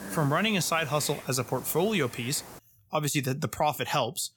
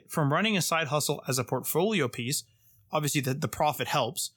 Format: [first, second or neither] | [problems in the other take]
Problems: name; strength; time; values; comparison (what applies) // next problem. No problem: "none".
second | hiss; noticeable; until 2.5 s; 15 dB below the speech